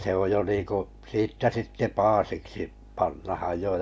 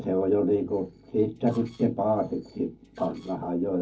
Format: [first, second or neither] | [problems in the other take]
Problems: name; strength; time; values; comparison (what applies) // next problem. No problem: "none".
first | noise reduction (neural separator model SepFormer DNS4)